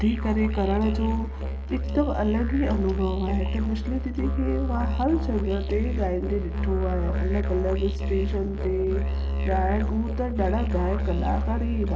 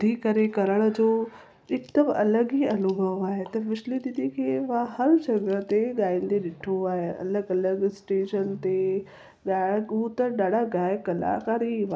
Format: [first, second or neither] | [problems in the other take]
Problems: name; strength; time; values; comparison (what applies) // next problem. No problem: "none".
second | background sound (Musical instrument); 1 dB above the speech // room echo; dies away in 2.8 s